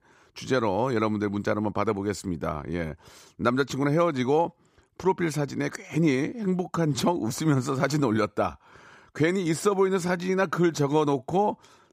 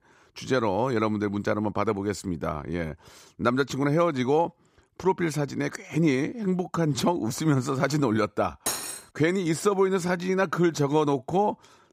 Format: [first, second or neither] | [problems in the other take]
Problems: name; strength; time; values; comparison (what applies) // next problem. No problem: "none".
first | clattering dishes; noticeable; at 8.5 s; peak 3 dB below the speech